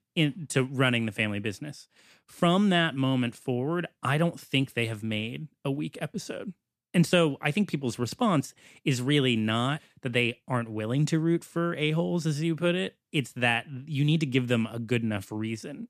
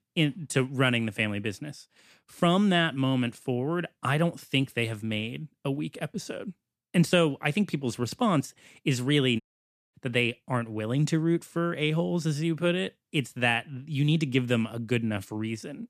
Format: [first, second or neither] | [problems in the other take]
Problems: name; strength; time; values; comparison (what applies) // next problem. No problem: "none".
first | audio cutting out; at 9.5 s for 0.5 s